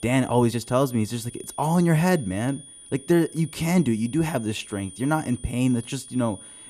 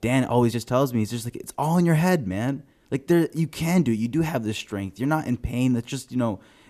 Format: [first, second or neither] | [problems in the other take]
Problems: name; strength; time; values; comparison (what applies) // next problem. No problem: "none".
second | high-pitched whine; noticeable; throughout; 9.5 kHz, 15 dB below the speech